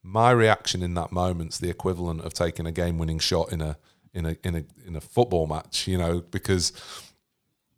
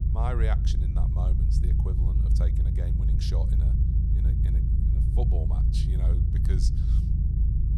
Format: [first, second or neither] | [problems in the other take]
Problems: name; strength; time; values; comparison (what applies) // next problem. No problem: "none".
first | low rumble; loud; throughout; as loud as the speech